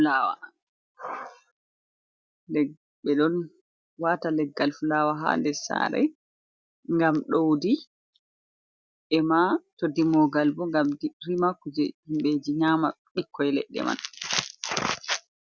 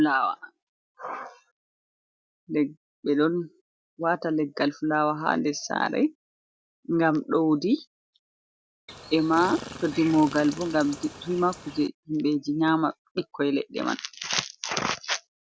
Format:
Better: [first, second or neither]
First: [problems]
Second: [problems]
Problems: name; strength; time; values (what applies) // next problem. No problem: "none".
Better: first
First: none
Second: background sound (Chirp, tweet); 13 dB below the speech